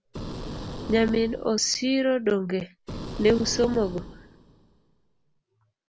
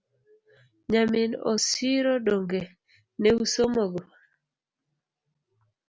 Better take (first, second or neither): second